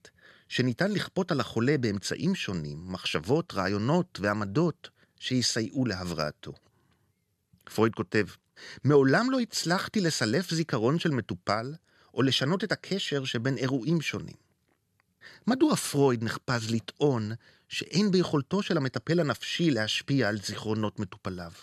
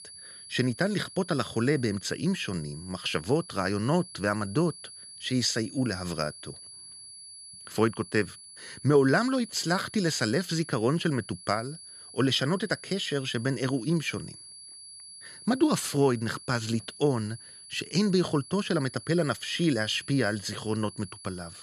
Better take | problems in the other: first | high-pitched whine; noticeable; throughout; 10 kHz, 15 dB below the speech

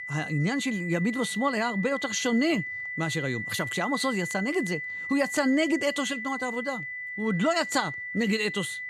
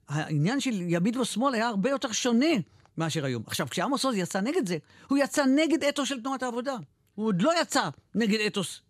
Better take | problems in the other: second | high-pitched whine; loud; throughout; 2 kHz, 5 dB below the speech

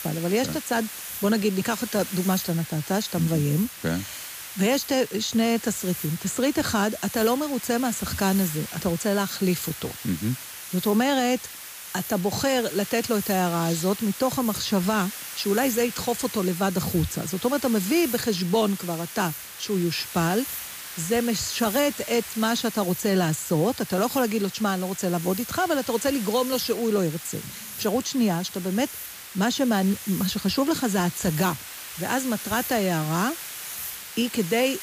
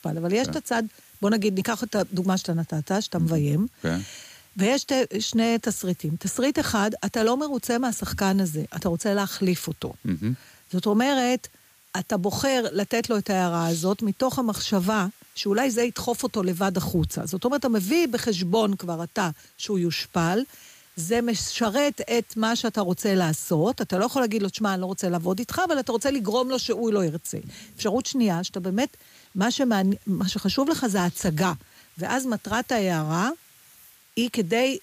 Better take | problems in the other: second | hiss; loud; throughout; 9 dB below the speech; faint in the second

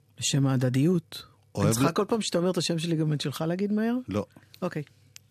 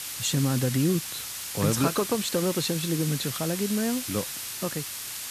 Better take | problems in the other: first | hiss; loud; throughout; 5 dB below the speech

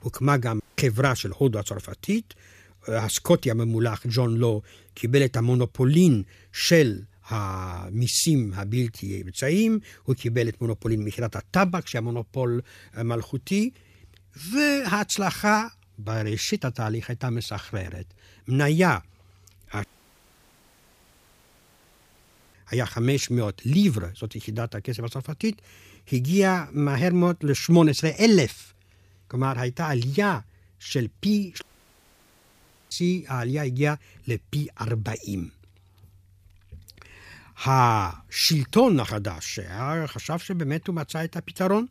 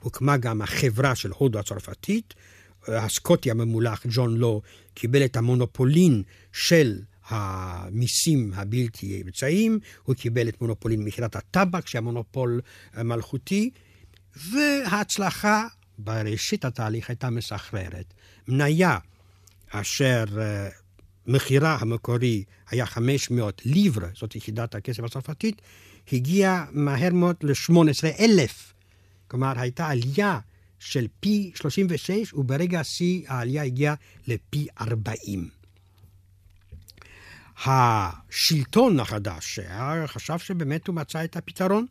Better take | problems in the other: second | audio cutting out; at 0.5 s, at 20 s for 2.5 s and at 32 s for 1.5 s

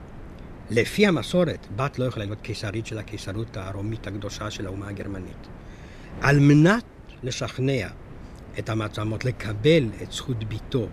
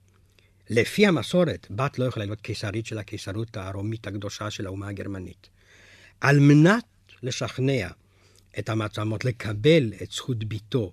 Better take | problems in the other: second | wind noise on the microphone; occasional gusts; 20 dB below the speech

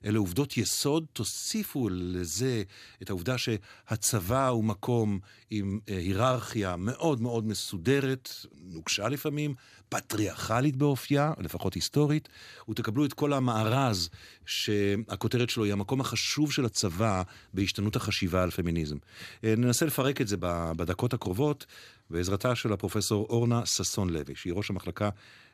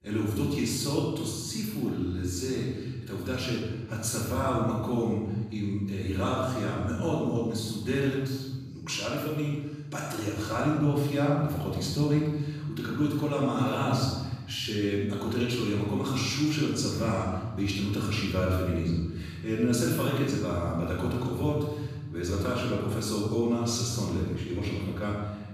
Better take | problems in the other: first | off-mic speech; far // room echo; noticeable; dies away in 1.5 s

